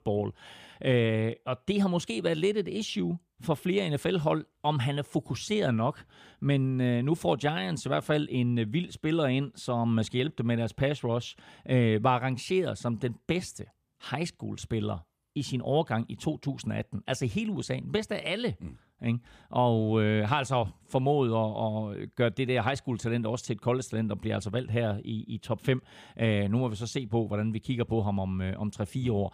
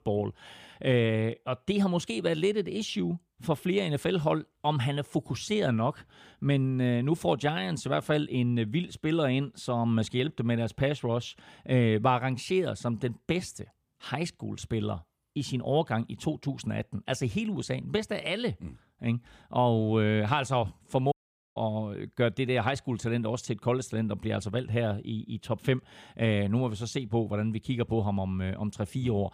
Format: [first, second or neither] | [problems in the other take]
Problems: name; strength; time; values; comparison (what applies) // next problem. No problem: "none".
first | audio cutting out; at 21 s